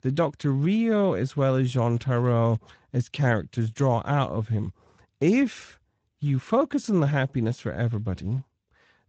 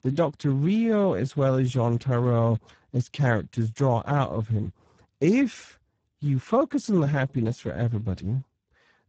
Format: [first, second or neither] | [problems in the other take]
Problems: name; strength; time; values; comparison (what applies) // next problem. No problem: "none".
first | garbled, watery; badly; nothing above 7.5 kHz; slightly in the first